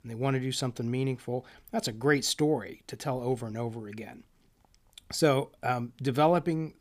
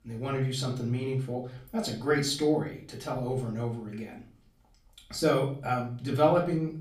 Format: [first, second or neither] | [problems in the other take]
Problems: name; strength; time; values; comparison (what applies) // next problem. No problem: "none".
first | off-mic speech; far // room echo; slight; dies away in 0.4 s